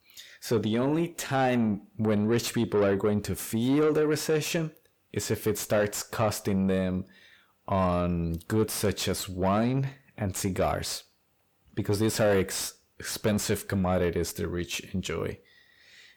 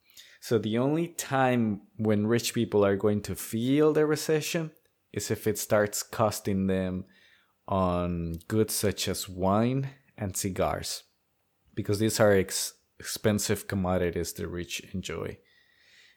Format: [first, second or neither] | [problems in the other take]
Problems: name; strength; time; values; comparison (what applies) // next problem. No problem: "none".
second | distortion; slight; 10 dB below the speech